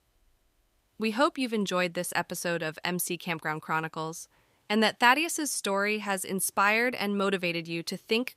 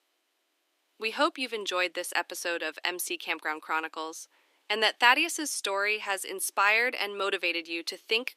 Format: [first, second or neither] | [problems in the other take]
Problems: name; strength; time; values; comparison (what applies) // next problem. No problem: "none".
first | thin; somewhat; fading below 300 Hz